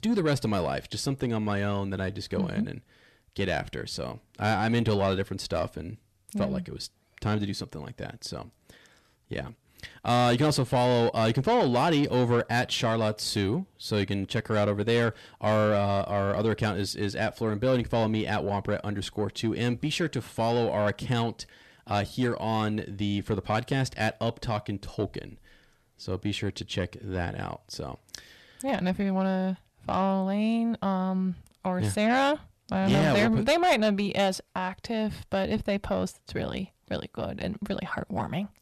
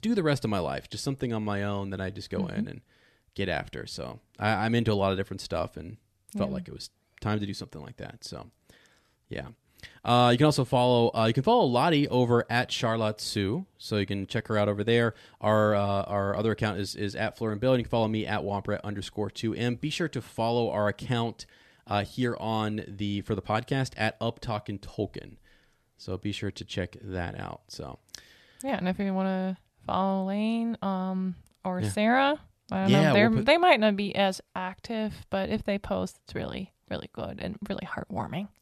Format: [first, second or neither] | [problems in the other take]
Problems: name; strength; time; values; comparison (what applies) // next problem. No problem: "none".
second | distortion; slight; 10 dB below the speech